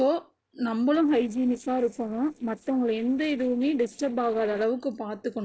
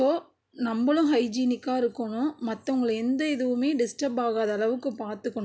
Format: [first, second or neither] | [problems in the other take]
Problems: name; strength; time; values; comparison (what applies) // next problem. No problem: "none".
second | noise reduction (neural separator model SepFormer DNS4)